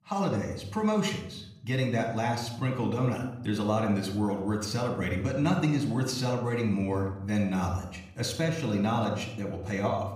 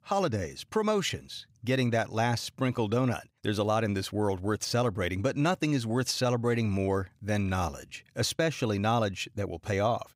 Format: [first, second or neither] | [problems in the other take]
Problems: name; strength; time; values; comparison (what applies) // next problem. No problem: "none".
second | off-mic speech; somewhat distant // room echo; slight; dies away in 0.7 s